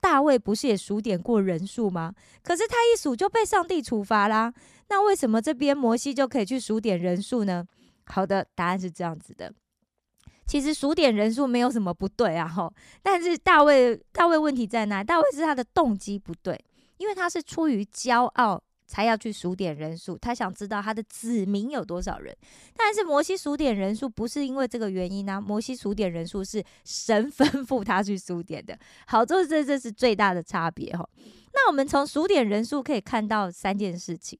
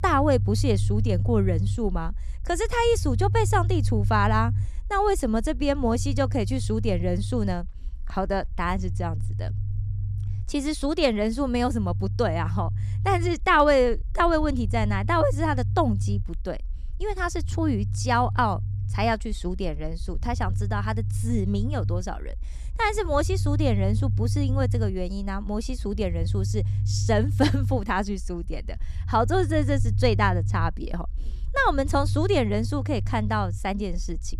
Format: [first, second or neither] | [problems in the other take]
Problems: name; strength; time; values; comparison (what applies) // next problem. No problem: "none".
first | low rumble; noticeable; throughout; 15 dB below the speech